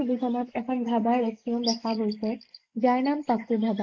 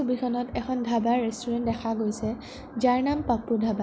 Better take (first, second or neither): second